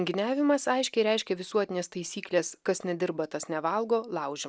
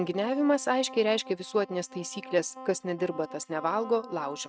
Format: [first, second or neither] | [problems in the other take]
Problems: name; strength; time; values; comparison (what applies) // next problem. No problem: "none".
first | noise reduction (neural mask model RNNoise)